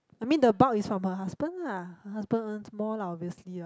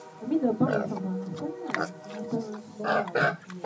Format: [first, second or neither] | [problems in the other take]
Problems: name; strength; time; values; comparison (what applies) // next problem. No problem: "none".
first | background sound (Livestock, farm animals, working animals); 1 dB below the speech // room echo; dies away in 0.4 s